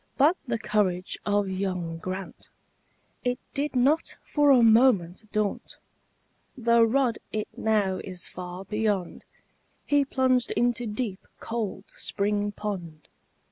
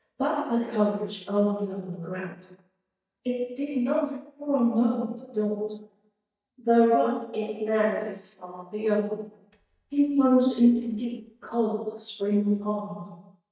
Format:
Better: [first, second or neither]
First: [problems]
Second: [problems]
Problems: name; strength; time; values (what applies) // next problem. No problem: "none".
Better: first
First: none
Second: noise reduction (neural mask model DeepFilterNet 3)